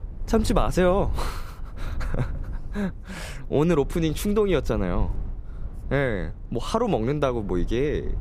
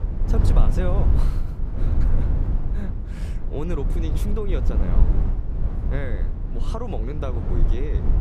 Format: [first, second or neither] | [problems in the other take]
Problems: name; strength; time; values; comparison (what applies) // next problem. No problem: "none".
first | low rumble; loud; throughout; 3 dB below the speech; faint in the first